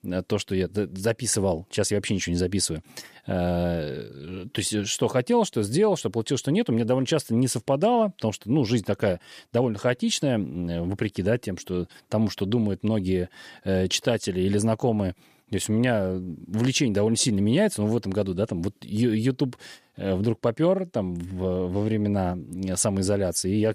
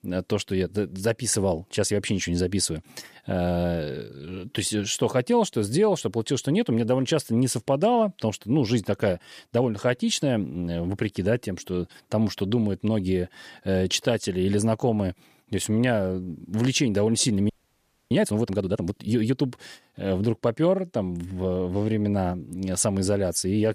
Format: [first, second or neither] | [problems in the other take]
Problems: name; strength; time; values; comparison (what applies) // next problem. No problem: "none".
first | audio freezing; at 17 s for 0.5 s